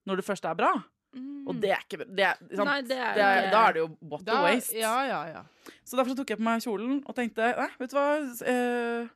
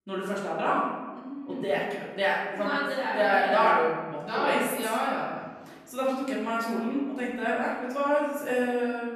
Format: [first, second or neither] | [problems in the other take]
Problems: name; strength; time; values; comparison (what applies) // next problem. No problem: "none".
first | room echo; noticeable; dies away in 1.2 s // off-mic speech; far